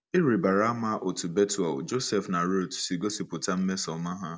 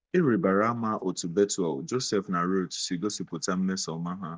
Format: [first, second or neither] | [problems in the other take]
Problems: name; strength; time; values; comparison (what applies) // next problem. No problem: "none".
first | noise reduction (neural mask model DeepFilterNet 3)